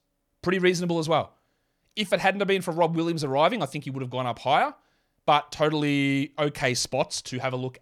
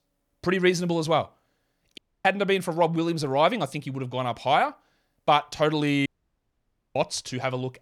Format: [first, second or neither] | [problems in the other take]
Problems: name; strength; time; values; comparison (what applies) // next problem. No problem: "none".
first | audio cutting out; at 2 s and at 6 s for 1 s